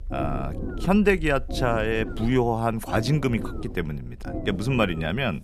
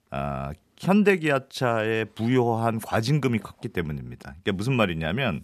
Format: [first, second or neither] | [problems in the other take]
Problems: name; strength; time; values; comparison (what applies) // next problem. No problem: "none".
second | low rumble; noticeable; throughout; 15 dB below the speech